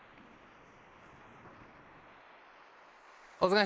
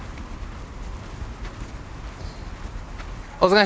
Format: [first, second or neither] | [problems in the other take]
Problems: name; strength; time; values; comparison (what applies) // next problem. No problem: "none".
second | noise reduction (neural mask model Resemble Enhance denoiser)